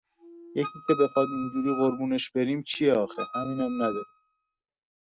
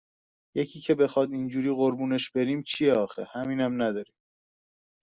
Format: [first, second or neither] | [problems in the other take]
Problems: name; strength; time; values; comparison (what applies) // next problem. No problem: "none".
second | noise reduction (neural mask model RNNoise)